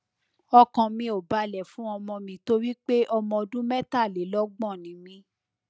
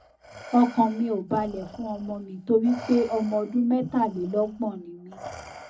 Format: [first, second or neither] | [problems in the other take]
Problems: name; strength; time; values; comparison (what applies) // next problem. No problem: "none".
first | background sound (Respiratory sounds); 18 dB below the speech // room echo; dies away in 0.4 s